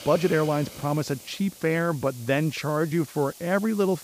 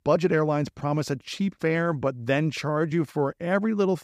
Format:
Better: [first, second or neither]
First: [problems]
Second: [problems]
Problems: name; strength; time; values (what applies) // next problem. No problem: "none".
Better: second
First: hiss; noticeable; throughout; 15 dB below the speech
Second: none